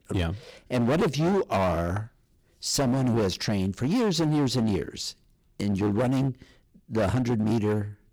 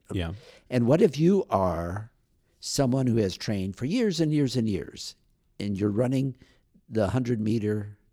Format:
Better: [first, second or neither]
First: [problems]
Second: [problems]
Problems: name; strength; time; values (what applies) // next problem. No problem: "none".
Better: second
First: distortion; heavy; 16% of the sound clipped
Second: none